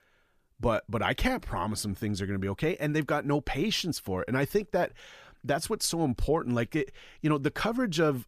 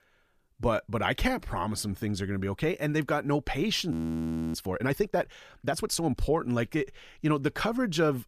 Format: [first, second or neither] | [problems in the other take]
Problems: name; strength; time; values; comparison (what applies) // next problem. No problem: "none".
first | audio freezing; at 4 s for 0.5 s